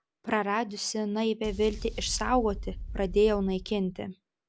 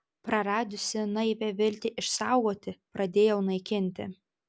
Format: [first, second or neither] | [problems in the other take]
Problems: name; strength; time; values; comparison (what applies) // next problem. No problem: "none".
second | background sound (Boom); 9 dB below the speech